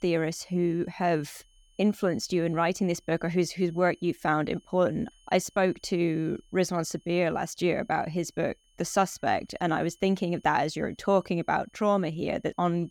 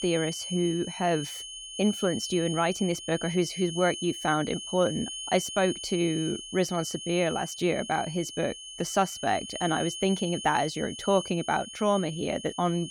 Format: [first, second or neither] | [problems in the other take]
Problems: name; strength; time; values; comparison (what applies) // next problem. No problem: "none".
first | high-pitched whine; loud; throughout; 3 kHz, 8 dB below the speech; faint in the first